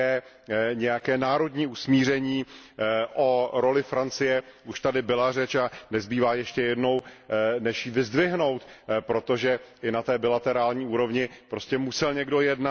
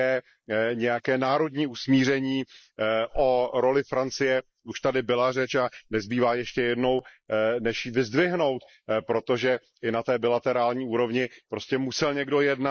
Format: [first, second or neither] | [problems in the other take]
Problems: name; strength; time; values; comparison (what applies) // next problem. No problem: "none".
first | noise reduction (neural mask model Resemble Enhance denoiser)